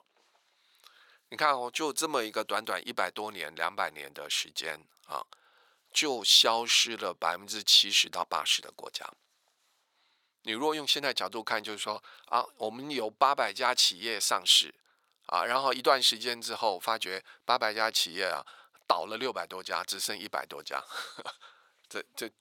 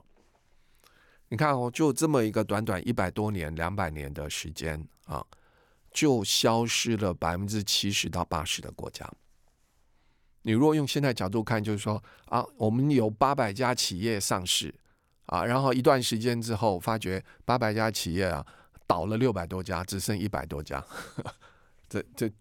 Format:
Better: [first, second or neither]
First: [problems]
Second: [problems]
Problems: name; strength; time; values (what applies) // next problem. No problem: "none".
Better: second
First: thin; very; fading below 600 Hz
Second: none